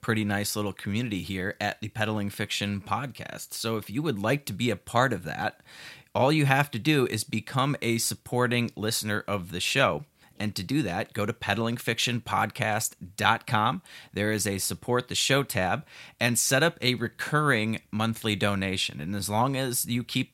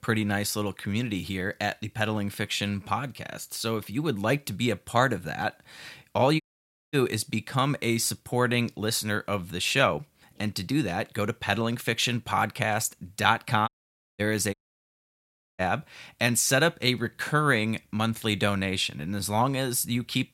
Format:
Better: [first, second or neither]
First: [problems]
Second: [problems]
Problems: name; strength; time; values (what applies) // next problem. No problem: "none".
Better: first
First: none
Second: audio cutting out; at 6.5 s for 0.5 s, at 14 s for 0.5 s and at 15 s for 1 s